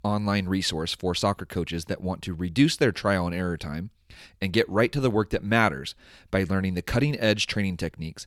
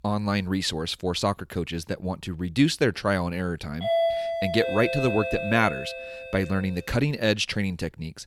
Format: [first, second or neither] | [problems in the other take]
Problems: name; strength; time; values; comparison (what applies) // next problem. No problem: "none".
first | doorbell; loud; from 4 to 6.5 s; peak 2 dB above the speech